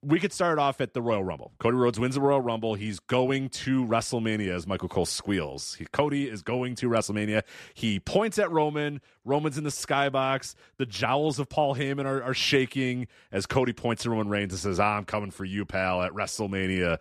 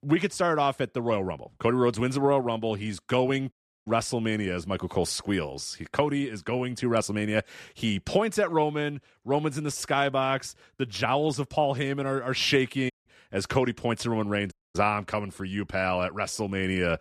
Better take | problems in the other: first | audio cutting out; at 3.5 s, at 13 s and at 15 s

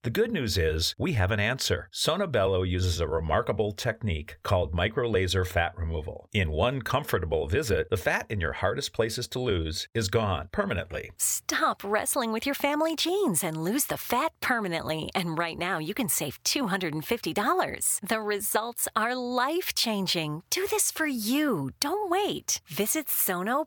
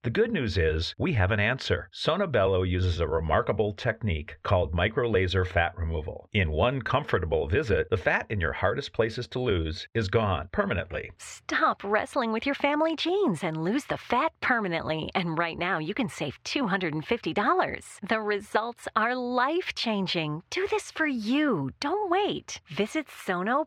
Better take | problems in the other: first | muffled; slightly; fading above 2.5 kHz

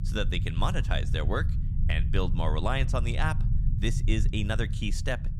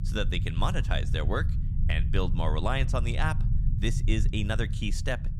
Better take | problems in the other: neither | low rumble; noticeable; throughout; 10 dB below the speech; the same in both

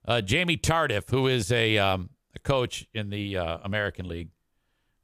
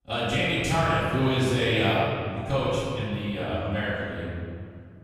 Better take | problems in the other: first | room echo; strong; dies away in 2.3 s // off-mic speech; far

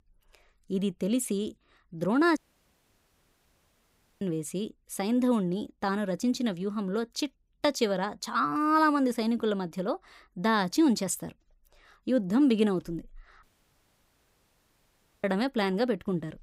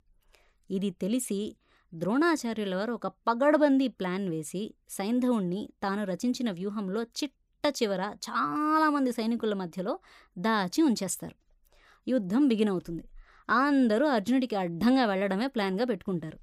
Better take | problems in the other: second | audio cutting out; at 2.5 s for 2 s and at 13 s for 2 s

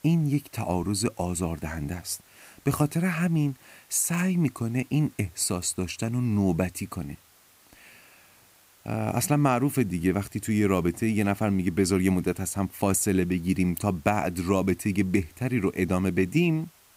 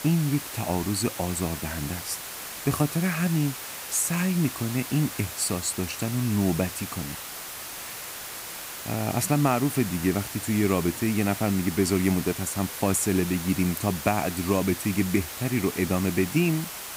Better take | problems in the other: first | hiss; loud; throughout; 8 dB below the speech; faint in the first

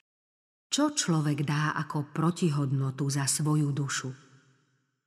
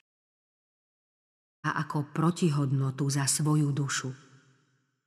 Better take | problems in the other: first | audio cutting out; at 0.5 s for 1 s

